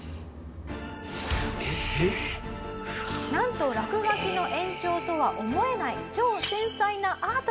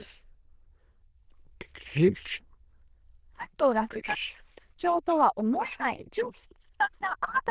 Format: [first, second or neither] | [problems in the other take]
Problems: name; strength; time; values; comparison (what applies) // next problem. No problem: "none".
first | noise reduction (neural diffusion model UNIVERSE++)